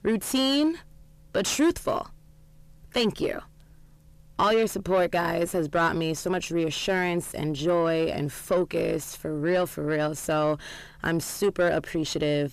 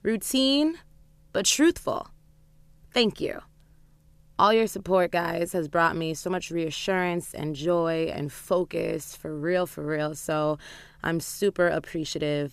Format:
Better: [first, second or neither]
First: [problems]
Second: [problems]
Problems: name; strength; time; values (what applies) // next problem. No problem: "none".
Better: second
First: distortion; slight; 10 dB below the speech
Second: none